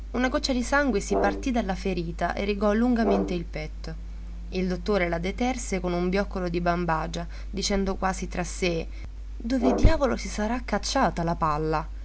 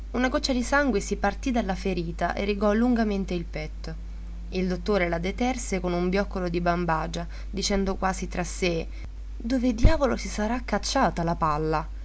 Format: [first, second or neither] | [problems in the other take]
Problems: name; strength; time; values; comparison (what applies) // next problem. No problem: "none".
second | background sound (Brass instrument); 7 dB below the speech